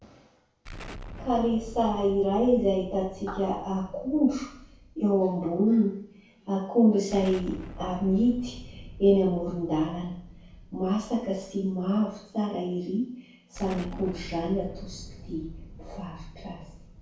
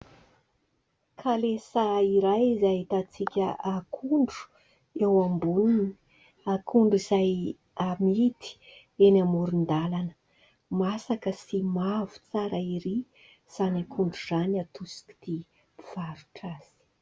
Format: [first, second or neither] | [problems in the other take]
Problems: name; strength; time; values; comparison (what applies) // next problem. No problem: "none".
second | background sound (Explosion); 16 dB below the speech // room echo; dies away in 0.6 s